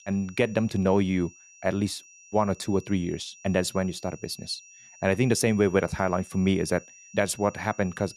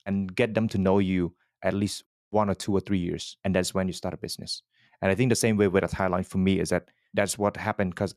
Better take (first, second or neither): second